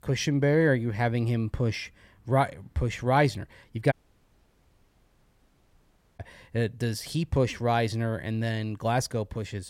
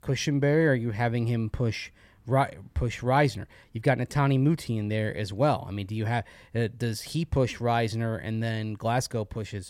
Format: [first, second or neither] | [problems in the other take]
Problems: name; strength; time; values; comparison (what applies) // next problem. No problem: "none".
second | audio cutting out; at 4 s for 2.5 s